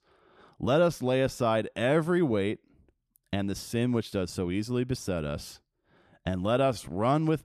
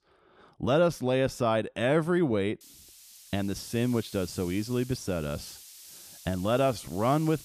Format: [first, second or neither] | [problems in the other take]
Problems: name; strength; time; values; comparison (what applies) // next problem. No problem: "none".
first | hiss; noticeable; from 2.5 s on; 20 dB below the speech